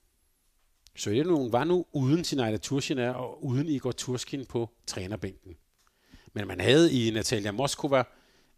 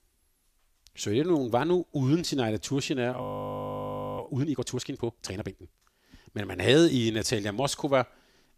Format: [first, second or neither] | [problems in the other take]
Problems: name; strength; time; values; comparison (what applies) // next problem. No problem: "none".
first | audio freezing; at 3 s for 1 s